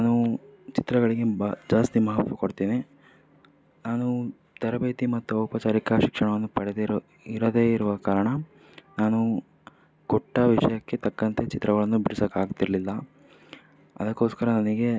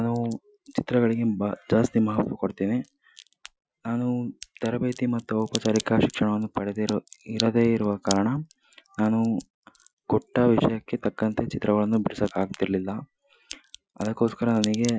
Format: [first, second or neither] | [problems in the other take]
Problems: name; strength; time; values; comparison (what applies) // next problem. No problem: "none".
first | noise reduction (classical method Wiener filter)